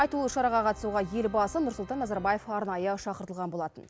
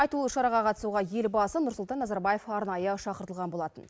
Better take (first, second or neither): second